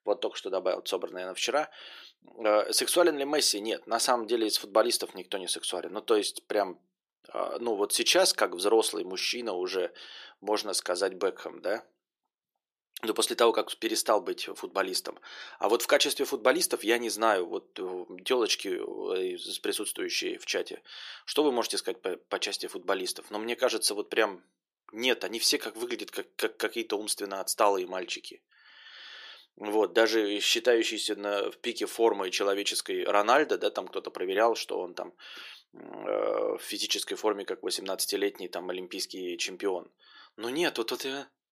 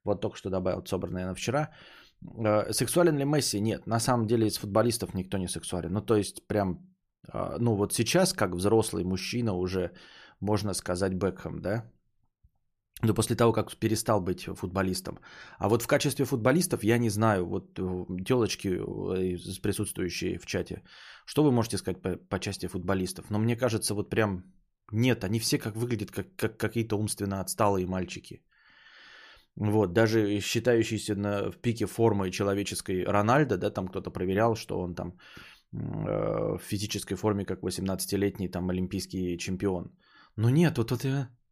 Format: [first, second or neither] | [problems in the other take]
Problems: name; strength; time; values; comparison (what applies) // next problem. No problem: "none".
second | thin; very; fading below 350 Hz